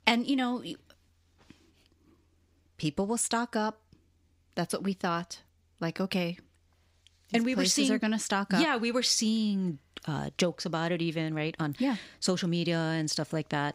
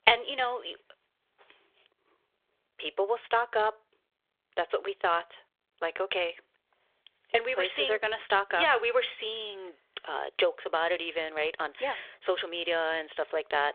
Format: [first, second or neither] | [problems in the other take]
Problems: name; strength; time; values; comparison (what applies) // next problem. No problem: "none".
first | phone-call audio; nothing above 3.5 kHz